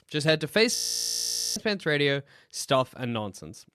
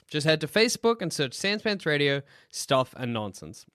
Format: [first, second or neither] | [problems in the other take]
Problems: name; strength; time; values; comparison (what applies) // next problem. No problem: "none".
second | audio freezing; at 1 s for 1 s